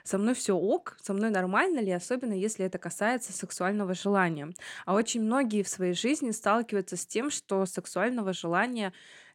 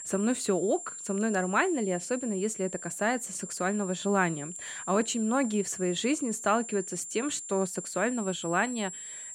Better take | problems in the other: first | high-pitched whine; loud; throughout; 7.5 kHz, 9 dB below the speech

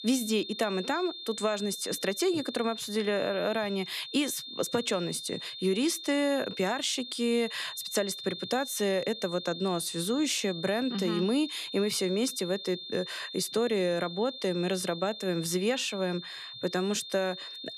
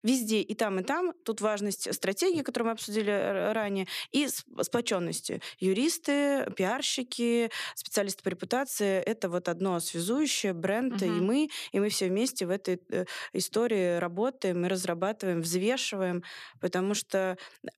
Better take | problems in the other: second | high-pitched whine; loud; throughout; 3.5 kHz, 9 dB below the speech

